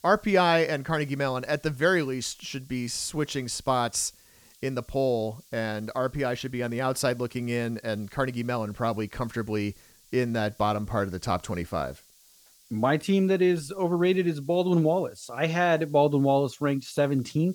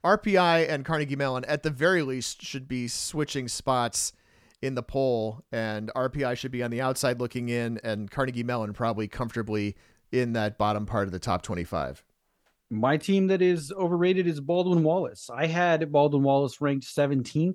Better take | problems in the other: second | hiss; faint; throughout; 30 dB below the speech

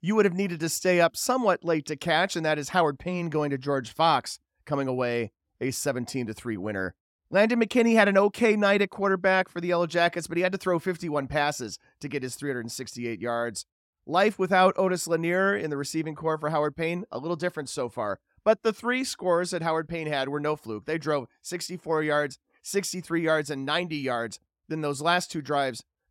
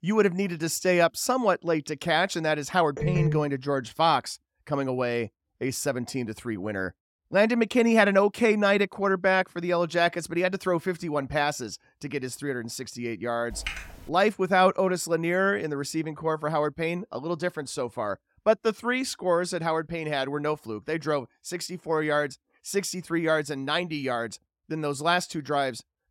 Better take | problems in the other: first | phone ringing; loud; at 3 s; peak 1 dB above the speech // keyboard typing; noticeable; at 14 s; peak 8 dB below the speech

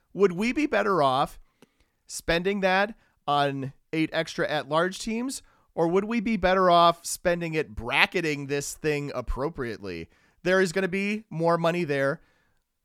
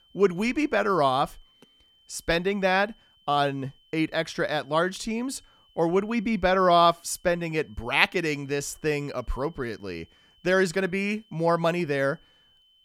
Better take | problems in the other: first | high-pitched whine; faint; throughout; 3 kHz, 35 dB below the speech

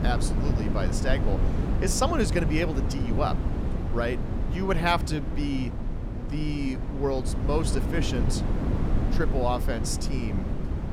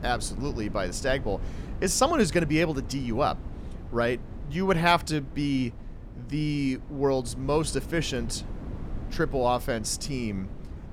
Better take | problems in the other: second | wind noise on the microphone; heavy; 7 dB below the speech; occasional gusts in the second

